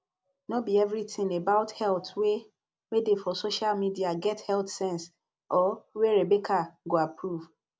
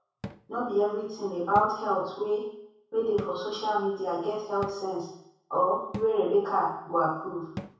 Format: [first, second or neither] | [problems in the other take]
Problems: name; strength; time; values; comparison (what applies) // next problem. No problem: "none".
first | background sound (Cupboard open or close / Drawer open or close); 17 dB below the speech // room echo; dies away in 0.7 s